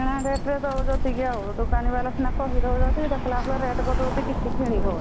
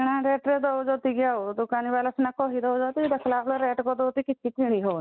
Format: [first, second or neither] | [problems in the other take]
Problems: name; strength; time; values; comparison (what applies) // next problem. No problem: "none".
second | background sound (Bird); 3 dB above the speech